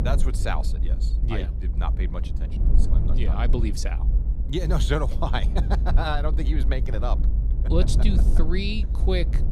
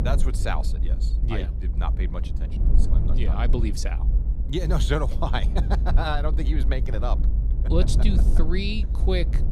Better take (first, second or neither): neither